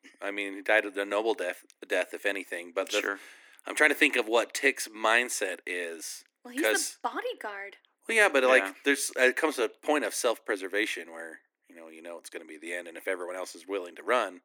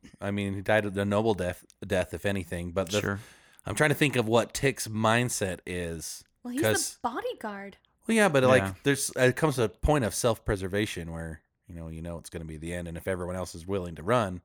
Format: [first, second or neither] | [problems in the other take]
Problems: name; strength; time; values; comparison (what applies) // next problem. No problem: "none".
second | thin; somewhat; fading below 300 Hz